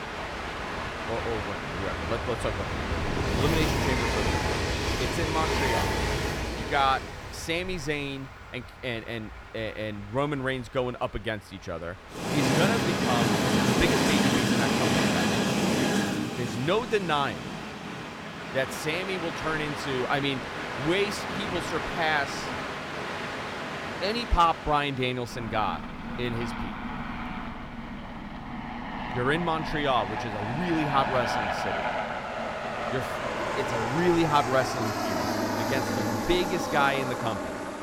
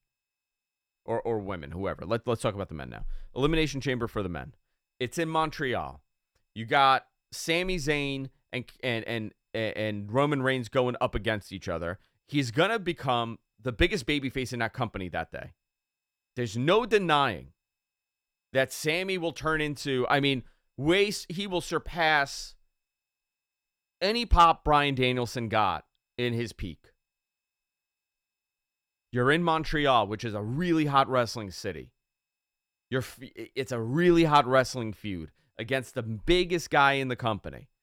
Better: second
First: train or aircraft noise; very loud; throughout; as loud as the speech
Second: none

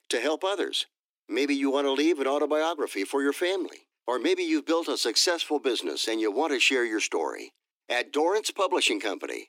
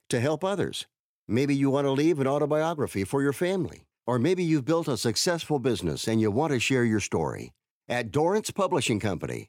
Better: second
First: thin; very slightly; fading below 300 Hz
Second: none

